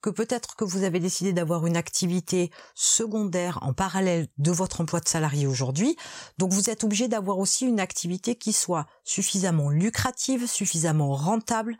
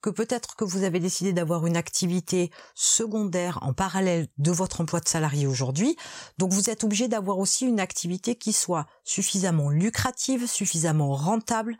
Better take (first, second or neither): neither